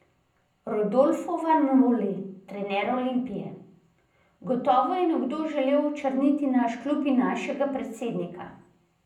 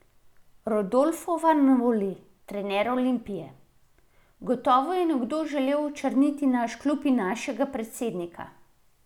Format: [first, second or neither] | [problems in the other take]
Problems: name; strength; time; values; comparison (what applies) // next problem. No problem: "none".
second | room echo; dies away in 0.6 s